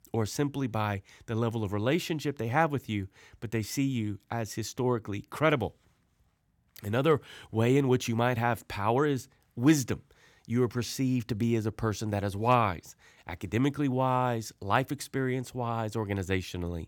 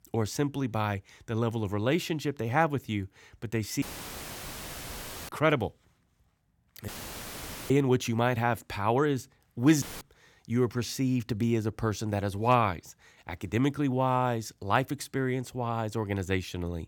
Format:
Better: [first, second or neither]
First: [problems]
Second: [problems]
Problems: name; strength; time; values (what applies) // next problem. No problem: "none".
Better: first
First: none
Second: audio cutting out; filled with static; at 4 s for 1.5 s, at 7 s for 1 s and at 10 s